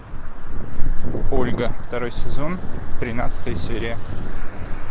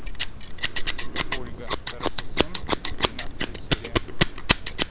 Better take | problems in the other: first | background sound (Scissors); 4 dB above the speech

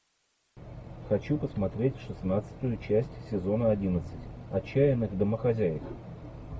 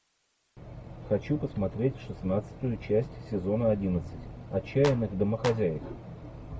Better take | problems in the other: first | background sound (Clapping); 11 dB below the speech

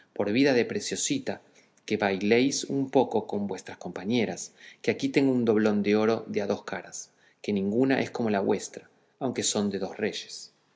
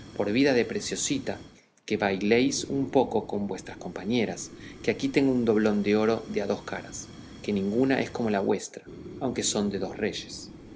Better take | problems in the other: first | background sound (Fire); 16 dB below the speech

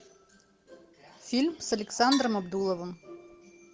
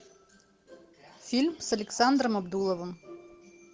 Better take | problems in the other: second | background sound (Percussion); 10 dB below the speech

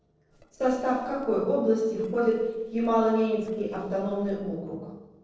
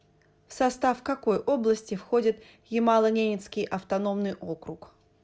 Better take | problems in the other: second | noise reduction (neural separator model SepFormer DNS4)

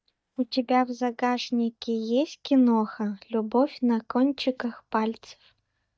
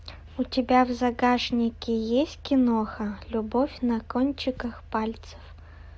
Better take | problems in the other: second | noise reduction (neural mask model DeepFilterNet 3)

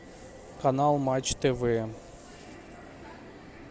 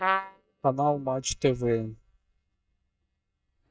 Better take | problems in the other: first | noise reduction (neural mask model DeepFilterNet 3)

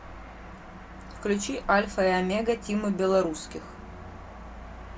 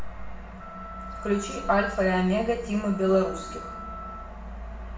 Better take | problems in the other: first | background sound (Wind instrument, woodwind instrument); 15 dB below the speech // room echo; dies away in 0.7 s

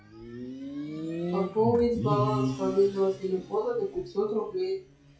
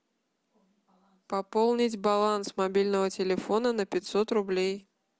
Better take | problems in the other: second | noise reduction (classical method WPE with log-MMSE)

